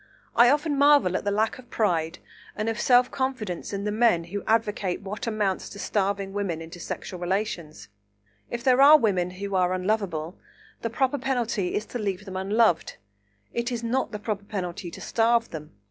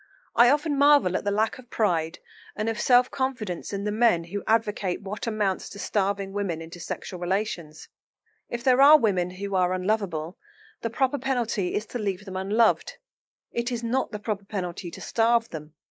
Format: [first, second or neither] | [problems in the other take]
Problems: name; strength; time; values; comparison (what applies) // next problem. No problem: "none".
first | noise reduction (neural mask model Resemble Enhance denoiser)